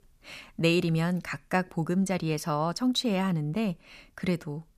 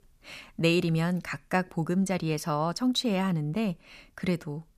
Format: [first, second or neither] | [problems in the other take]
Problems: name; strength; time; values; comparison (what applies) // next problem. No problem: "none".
neither | none